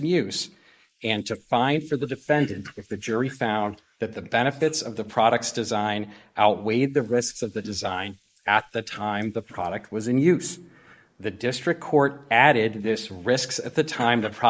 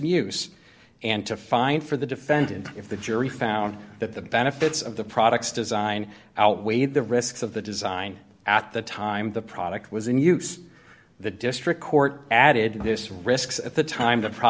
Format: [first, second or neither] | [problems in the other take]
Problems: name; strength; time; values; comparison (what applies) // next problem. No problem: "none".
second | noise reduction (neural mask model Resemble Enhance denoiser)